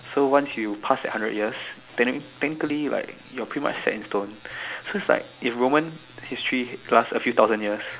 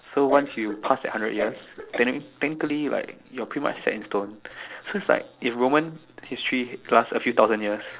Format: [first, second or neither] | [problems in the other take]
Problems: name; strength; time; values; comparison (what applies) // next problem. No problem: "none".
first | noise reduction (neural separator model SepFormer DNS4)